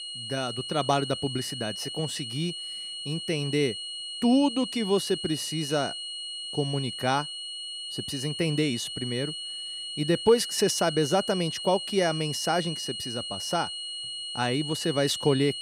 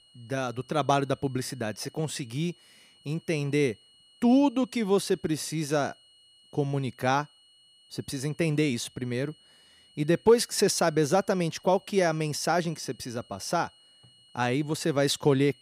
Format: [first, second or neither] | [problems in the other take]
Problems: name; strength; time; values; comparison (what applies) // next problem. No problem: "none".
second | high-pitched whine; loud; throughout; 3 kHz, 5 dB below the speech; faint in the second